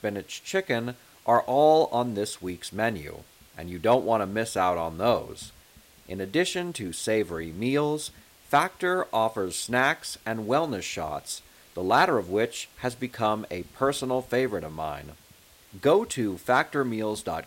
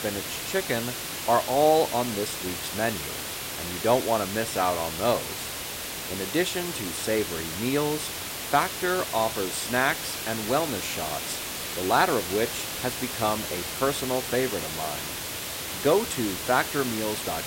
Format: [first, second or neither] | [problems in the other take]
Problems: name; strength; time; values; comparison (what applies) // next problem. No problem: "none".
first | hiss; loud; throughout; 4 dB below the speech; faint in the first